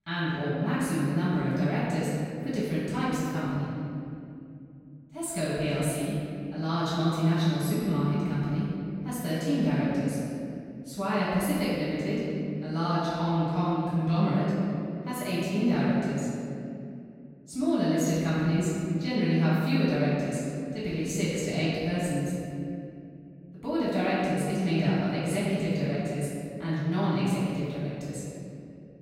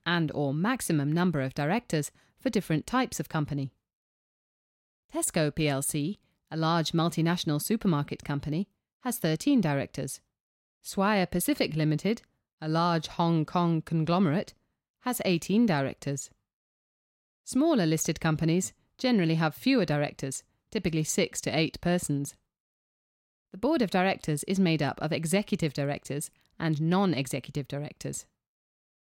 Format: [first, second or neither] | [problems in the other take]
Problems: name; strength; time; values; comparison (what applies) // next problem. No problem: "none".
second | room echo; strong; dies away in 2.5 s // off-mic speech; far